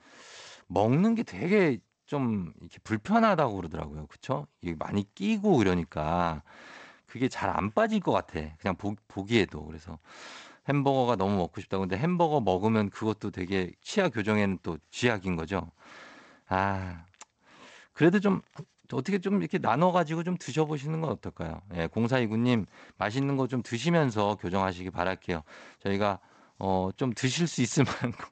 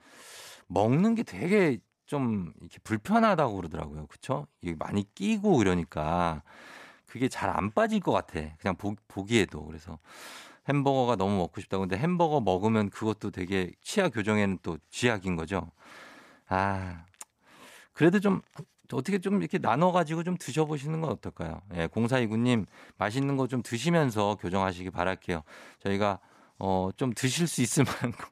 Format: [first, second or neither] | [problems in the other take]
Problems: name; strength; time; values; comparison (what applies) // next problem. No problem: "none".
second | garbled, watery; slightly; nothing above 8 kHz